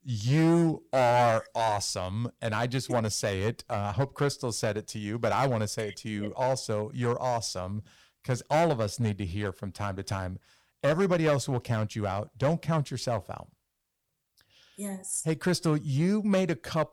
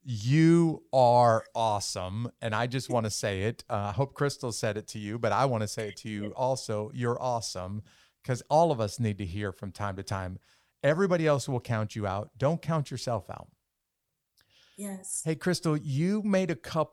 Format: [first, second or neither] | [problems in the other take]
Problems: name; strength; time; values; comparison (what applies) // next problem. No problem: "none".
second | distortion; slight; 5% of the sound clipped